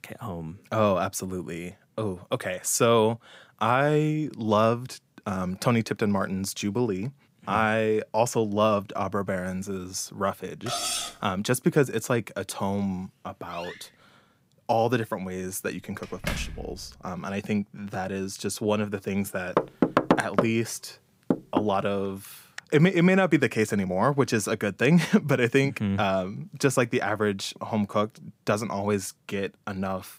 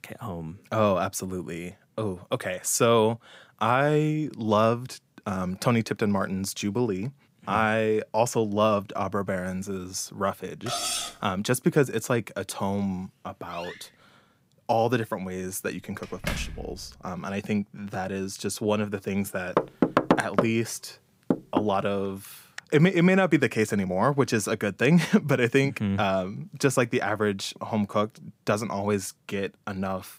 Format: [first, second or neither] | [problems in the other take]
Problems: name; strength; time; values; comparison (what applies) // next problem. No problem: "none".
neither | clattering dishes; noticeable; at 11 s; peak 1 dB below the speech; the same in both // door banging; noticeable; from 14 to 17 s; peak 6 dB below the speech; the same in both // door banging; loud; from 20 to 23 s; peak 4 dB above the speech; the same in both